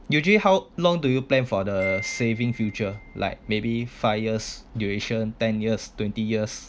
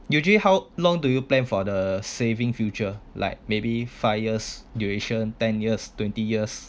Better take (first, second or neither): second